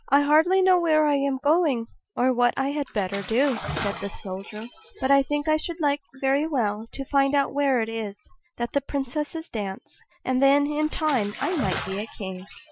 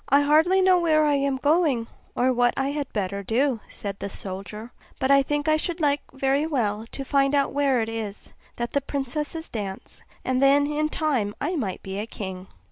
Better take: second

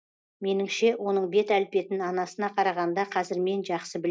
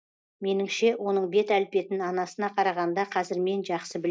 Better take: first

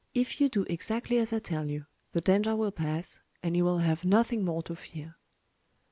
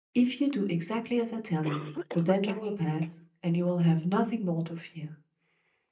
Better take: first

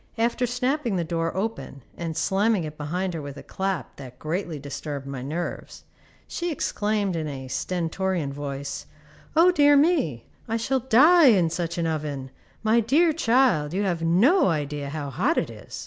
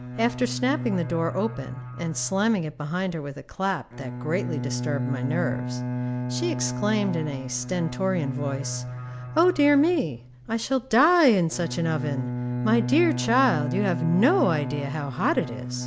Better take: first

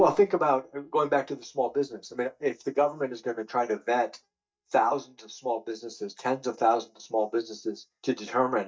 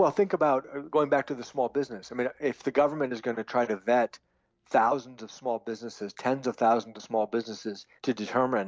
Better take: second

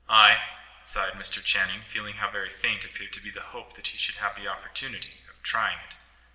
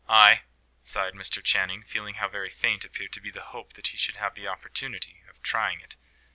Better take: second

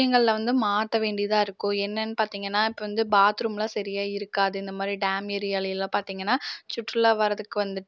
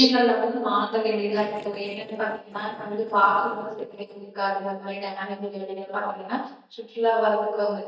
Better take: first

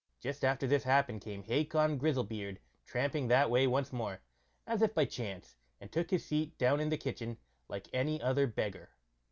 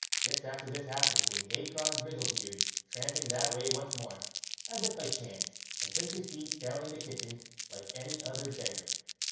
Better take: first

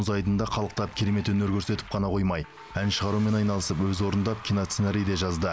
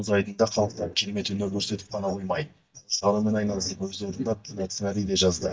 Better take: first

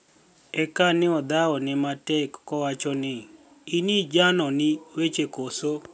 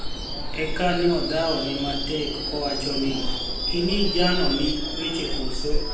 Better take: first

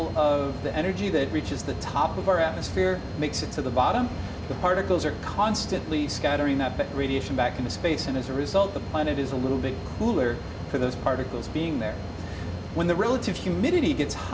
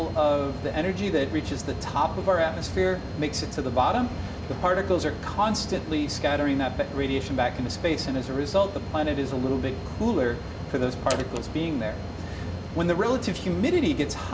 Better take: first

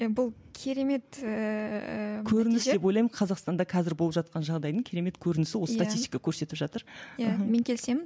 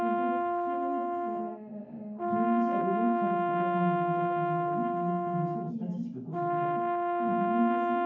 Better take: first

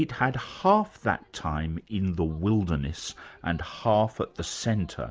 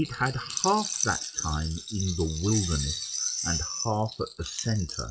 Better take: first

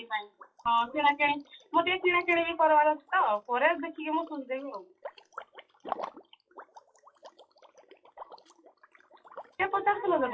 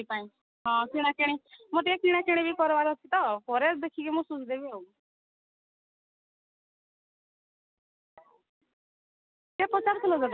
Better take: second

